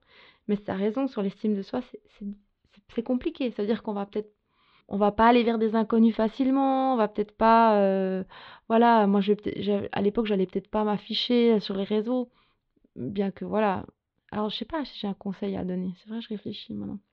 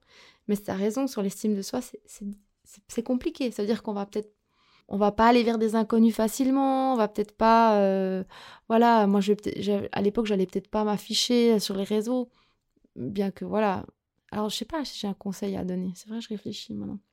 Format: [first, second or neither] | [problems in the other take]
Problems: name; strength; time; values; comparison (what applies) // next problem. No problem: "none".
second | muffled; slightly; fading above 4 kHz